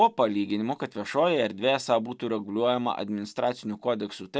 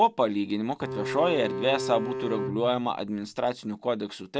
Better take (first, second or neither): first